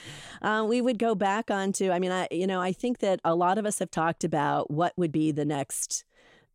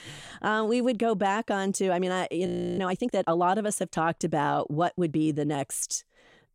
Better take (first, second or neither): first